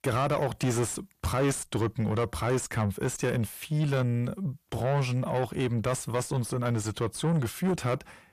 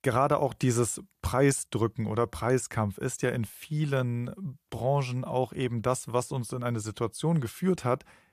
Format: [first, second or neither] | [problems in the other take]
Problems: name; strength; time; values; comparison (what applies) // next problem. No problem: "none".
second | distortion; heavy; 8 dB below the speech